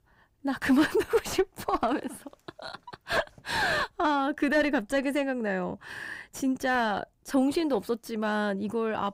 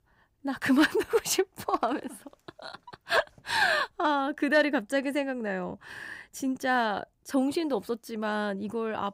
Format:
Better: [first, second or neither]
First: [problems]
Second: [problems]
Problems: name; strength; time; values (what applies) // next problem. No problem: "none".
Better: second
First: distortion; slight; 9 dB below the speech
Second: none